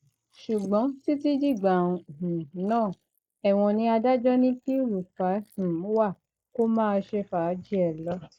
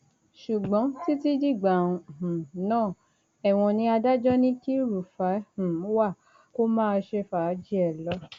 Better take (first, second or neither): second